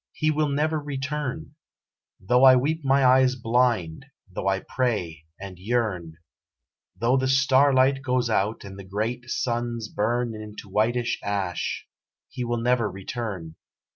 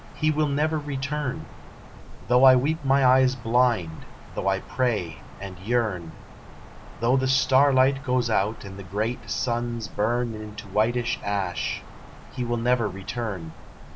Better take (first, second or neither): first